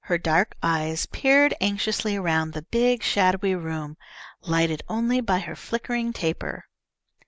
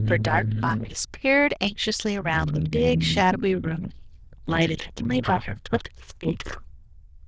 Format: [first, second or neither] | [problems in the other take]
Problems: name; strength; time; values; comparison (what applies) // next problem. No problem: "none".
first | noise reduction (neural diffusion model UNIVERSE++)